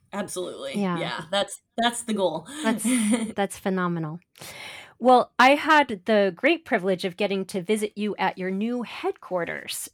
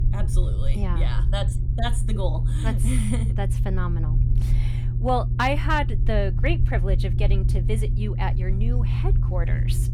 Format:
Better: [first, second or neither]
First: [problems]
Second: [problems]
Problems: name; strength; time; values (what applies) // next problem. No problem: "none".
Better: first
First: none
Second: low rumble; loud; throughout; 9 dB below the speech